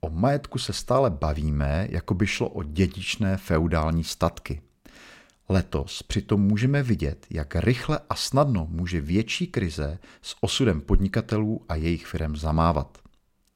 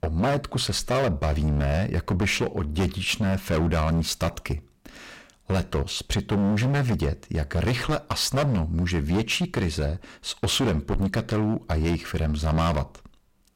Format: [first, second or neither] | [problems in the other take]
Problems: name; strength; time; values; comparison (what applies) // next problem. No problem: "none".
first | distortion; heavy; 19% of the sound clipped